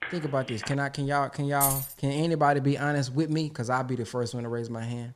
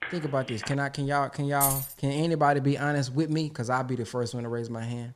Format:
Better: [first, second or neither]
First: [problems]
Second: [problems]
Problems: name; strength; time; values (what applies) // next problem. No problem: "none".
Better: neither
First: phone ringing; noticeable; at the start; peak 9 dB below the speech // jangling keys; loud; at 1.5 s; peak 2 dB above the speech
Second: phone ringing; noticeable; at the start; peak 9 dB below the speech // jangling keys; loud; at 1.5 s; peak 2 dB above the speech